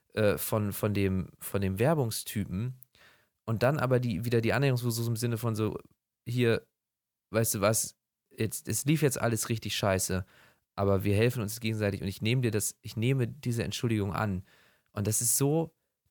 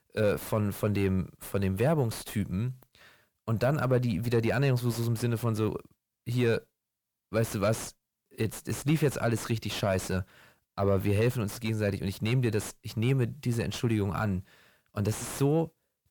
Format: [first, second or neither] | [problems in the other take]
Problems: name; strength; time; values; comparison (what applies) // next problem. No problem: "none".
first | distortion; slight; 10 dB below the speech